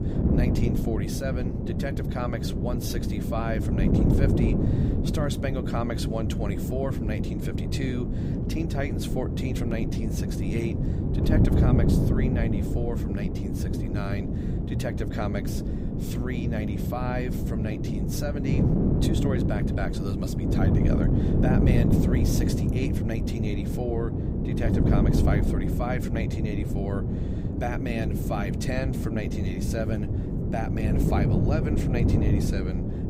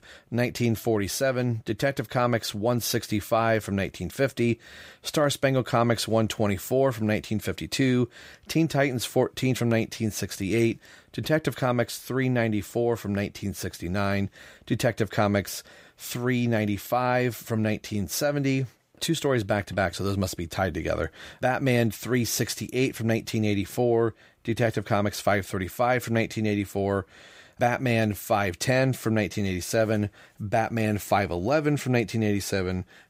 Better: second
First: wind noise on the microphone; heavy; 1 dB above the speech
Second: none

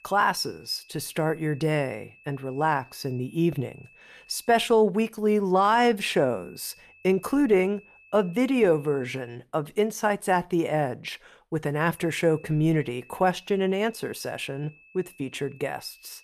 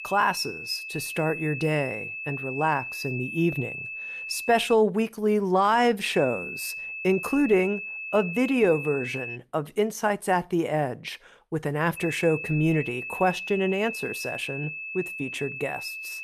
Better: first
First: high-pitched whine; faint; until 4.5 s, from 6 to 9.5 s and from 12 s on; 2.5 kHz, 25 dB below the speech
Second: high-pitched whine; loud; until 4.5 s, from 6 to 9.5 s and from 12 s on; 2.5 kHz, 7 dB below the speech

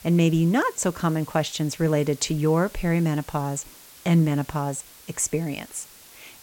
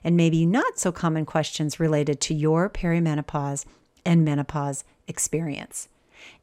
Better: second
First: hiss; faint; throughout; 20 dB below the speech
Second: none

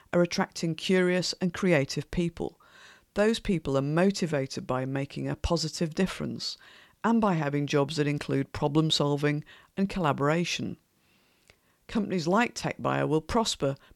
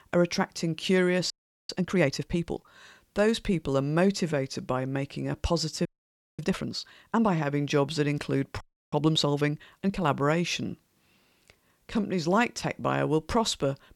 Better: first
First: none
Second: audio freezing; at 1.5 s, at 6 s for 0.5 s and at 8.5 s

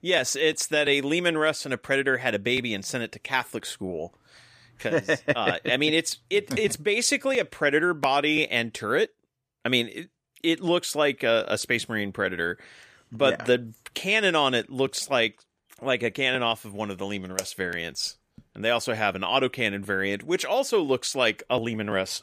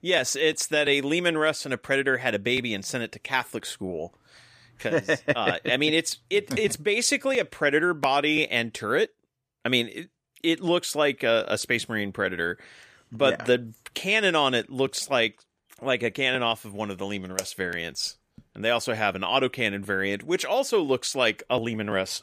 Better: neither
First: none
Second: none

